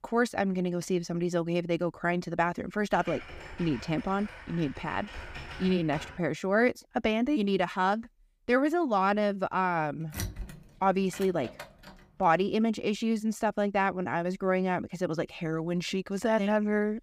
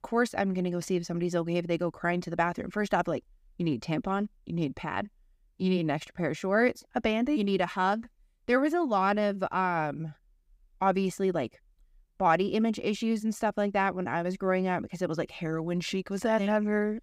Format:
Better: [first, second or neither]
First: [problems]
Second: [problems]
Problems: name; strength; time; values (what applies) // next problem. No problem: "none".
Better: second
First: keyboard typing; faint; from 3 to 6 s; peak 10 dB below the speech // door banging; noticeable; from 10 to 12 s; peak 8 dB below the speech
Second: none